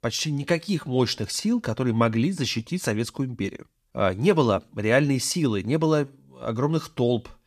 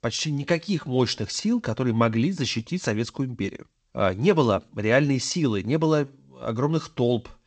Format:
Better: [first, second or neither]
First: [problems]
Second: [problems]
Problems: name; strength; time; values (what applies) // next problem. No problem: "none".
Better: first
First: none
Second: garbled, watery; slightly; nothing above 7.5 kHz